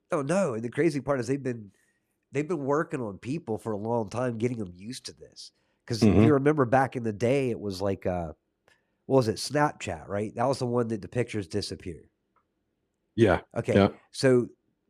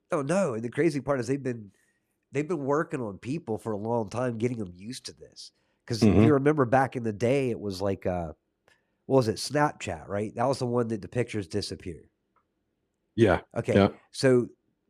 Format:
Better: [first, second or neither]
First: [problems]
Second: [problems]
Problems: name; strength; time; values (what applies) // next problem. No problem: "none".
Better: neither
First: none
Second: none